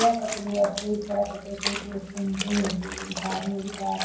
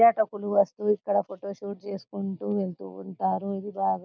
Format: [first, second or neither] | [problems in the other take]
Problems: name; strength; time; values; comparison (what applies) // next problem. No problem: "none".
second | background sound (Trickle, dribble / Splash, splatter); 7 dB below the speech // room echo; dies away in 0.9 s